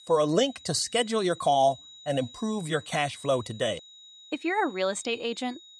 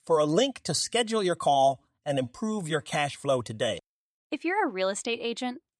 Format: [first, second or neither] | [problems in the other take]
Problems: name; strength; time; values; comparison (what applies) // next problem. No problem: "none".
second | high-pitched whine; noticeable; throughout; 4 kHz, 20 dB below the speech